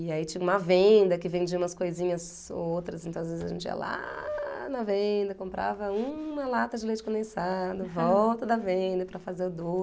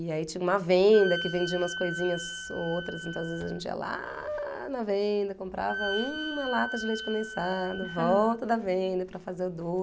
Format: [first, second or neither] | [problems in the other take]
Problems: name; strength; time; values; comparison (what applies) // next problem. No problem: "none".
first | background sound (Wind instrument, woodwind instrument); 9 dB below the speech